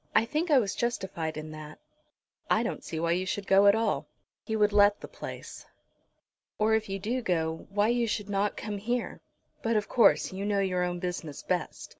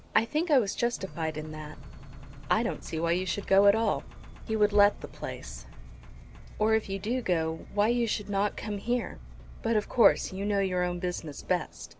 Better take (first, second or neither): first